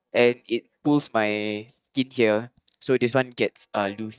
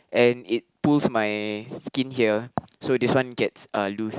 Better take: second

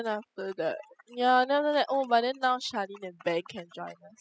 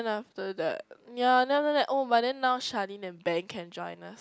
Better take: second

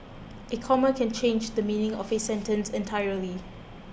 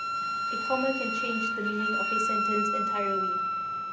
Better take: first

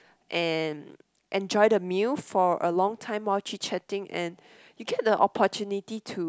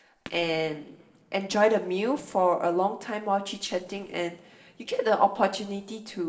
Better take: first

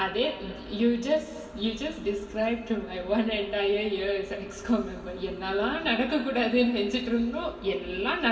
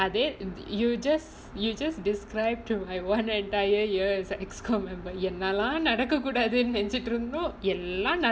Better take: second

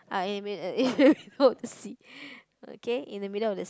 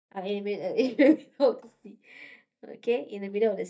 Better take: first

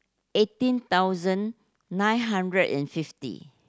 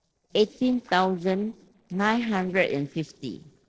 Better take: first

